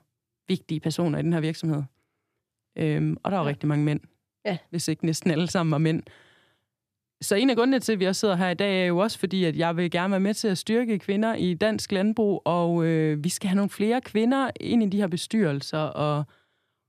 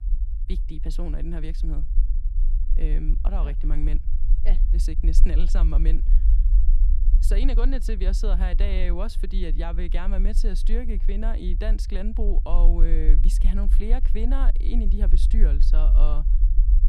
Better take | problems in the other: first | low rumble; noticeable; throughout; 10 dB below the speech

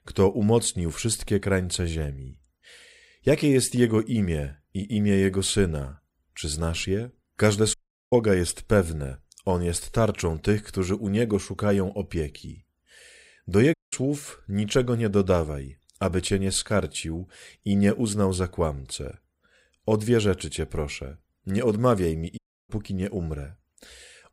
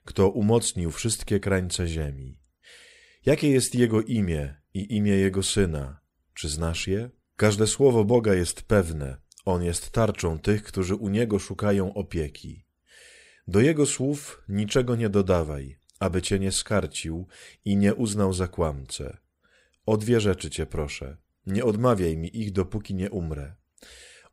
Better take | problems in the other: second | audio cutting out; at 7.5 s, at 14 s and at 22 s

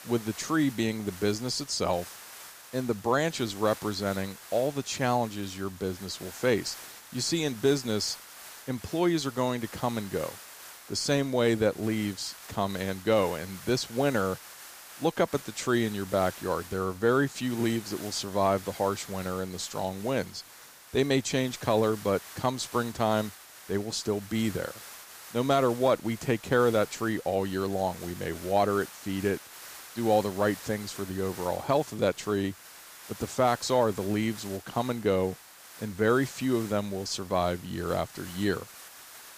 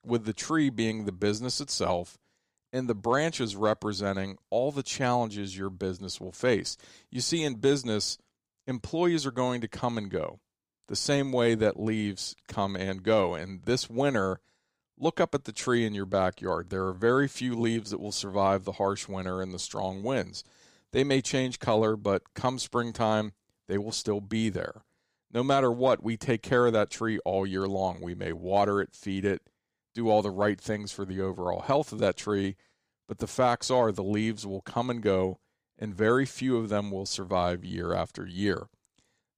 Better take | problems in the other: second | hiss; noticeable; throughout; 15 dB below the speech

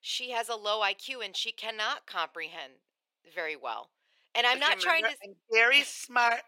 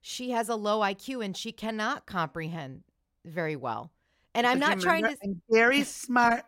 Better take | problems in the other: second | thin; very; fading below 450 Hz

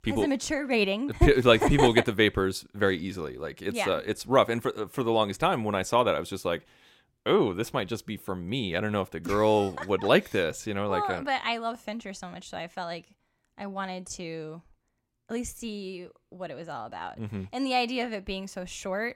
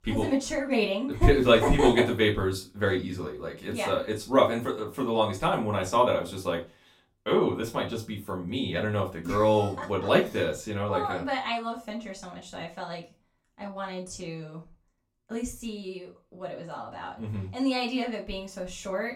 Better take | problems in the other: first | off-mic speech; far // room echo; very slight; dies away in 0.2 s

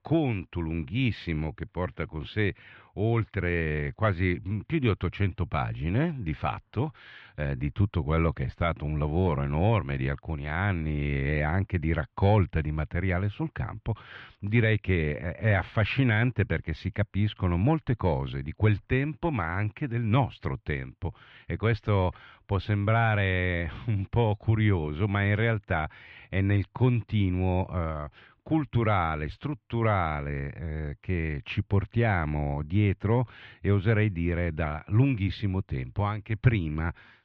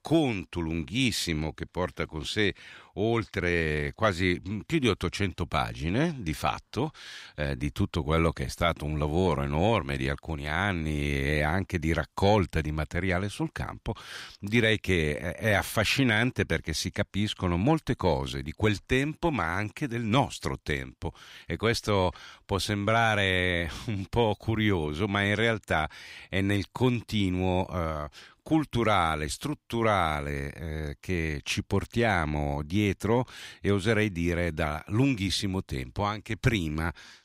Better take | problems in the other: second | muffled; very; fading above 3 kHz

